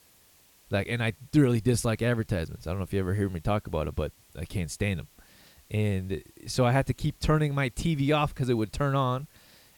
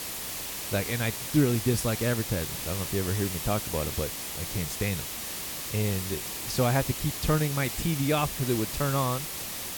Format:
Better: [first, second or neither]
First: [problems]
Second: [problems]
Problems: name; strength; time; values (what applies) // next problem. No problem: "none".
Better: first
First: hiss; faint; throughout; 30 dB below the speech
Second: hiss; loud; throughout; 3 dB below the speech